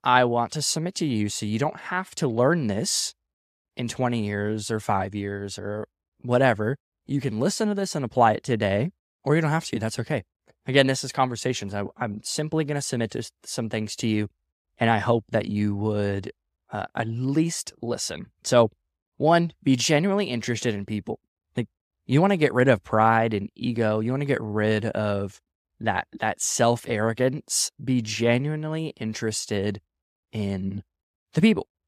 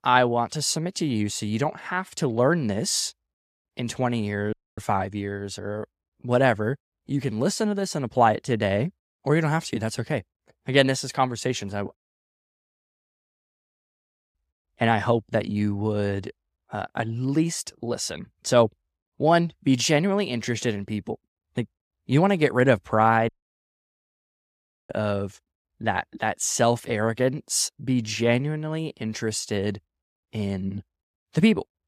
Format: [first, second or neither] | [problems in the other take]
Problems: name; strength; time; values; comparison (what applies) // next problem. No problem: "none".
first | audio cutting out; at 4.5 s, at 12 s for 2.5 s and at 23 s for 1.5 s